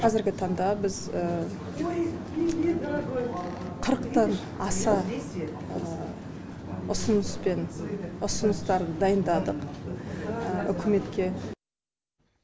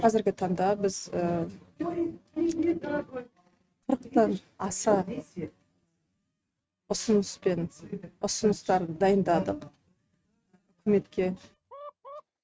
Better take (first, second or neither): first